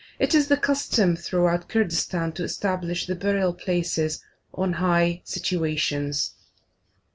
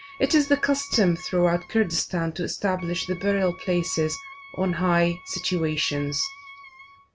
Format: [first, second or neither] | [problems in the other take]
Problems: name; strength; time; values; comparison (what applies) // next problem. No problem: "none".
first | background sound (Wind instrument, woodwind instrument); 19 dB below the speech